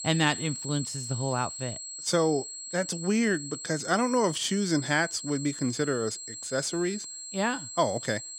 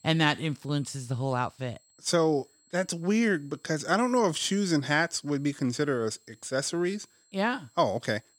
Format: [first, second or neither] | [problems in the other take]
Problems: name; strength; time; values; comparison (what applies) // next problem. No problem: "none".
second | high-pitched whine; loud; throughout; 7.5 kHz, 8 dB below the speech; faint in the second